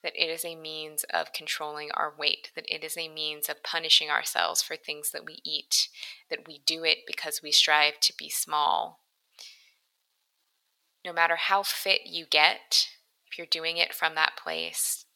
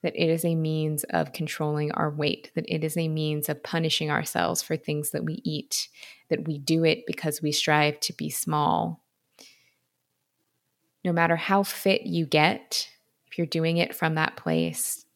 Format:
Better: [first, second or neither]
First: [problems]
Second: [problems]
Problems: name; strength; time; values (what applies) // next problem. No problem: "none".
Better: second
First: thin; very; fading below 900 Hz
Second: none